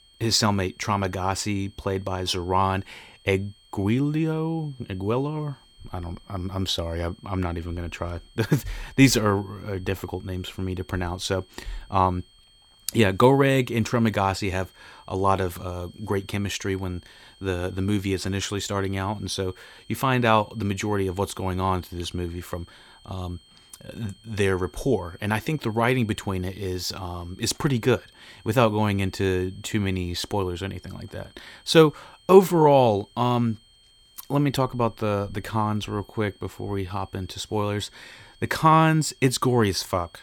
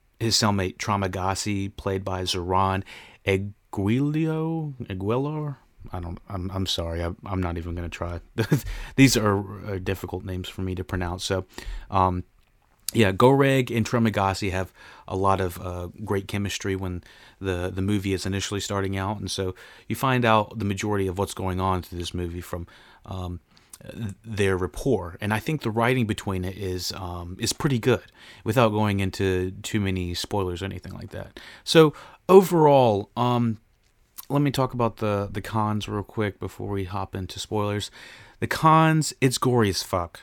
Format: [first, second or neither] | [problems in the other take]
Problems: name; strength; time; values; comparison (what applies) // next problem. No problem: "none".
second | high-pitched whine; faint; throughout; 3 kHz, 30 dB below the speech